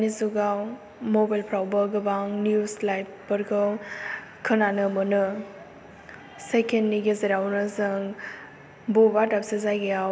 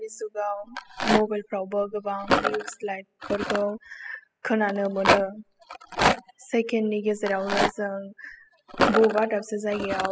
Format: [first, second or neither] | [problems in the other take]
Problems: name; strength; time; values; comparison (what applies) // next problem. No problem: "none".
first | noise reduction (classical method spectral subtraction)